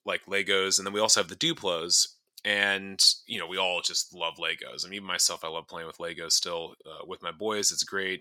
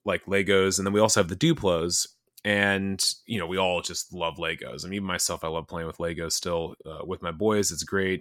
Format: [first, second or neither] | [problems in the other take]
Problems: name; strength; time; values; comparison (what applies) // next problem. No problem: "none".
second | thin; somewhat; fading below 1 kHz